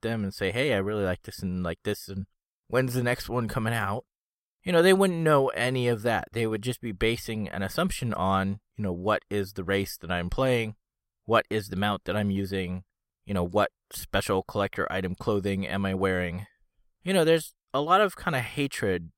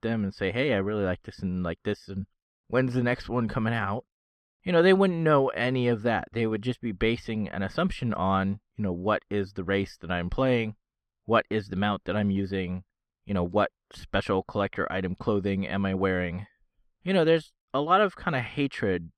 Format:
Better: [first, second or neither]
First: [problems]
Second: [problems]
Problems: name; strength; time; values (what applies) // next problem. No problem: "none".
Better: first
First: none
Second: muffled; very slightly; fading above 3.5 kHz